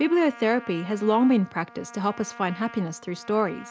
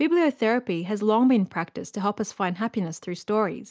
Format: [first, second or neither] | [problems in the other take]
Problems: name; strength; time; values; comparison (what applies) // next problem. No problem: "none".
second | background sound (Trumpet); 19 dB below the speech